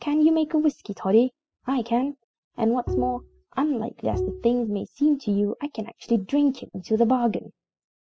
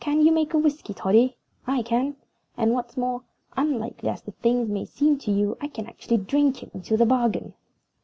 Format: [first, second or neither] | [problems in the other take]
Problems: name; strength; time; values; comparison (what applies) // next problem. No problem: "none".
second | noise reduction (classical method spectral subtraction)